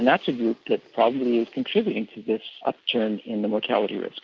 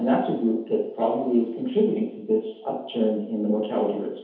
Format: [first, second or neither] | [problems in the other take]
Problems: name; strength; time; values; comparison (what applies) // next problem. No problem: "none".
first | room echo; dies away in 0.8 s